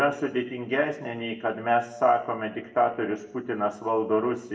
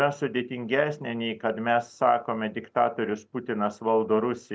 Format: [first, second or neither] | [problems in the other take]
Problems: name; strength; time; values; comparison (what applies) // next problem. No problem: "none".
second | room echo; dies away in 0.7 s